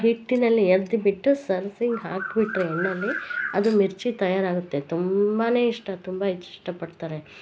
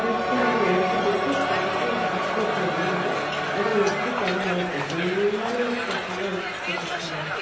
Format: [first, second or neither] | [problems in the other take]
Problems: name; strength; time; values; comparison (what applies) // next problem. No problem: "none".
first | background sound (Crowd); 1 dB above the speech // room echo; dies away in 1.1 s